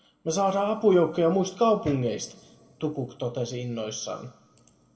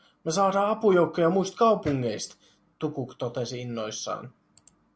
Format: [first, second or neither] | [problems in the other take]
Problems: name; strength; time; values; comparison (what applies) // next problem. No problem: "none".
second | room echo; dies away in 1.3 s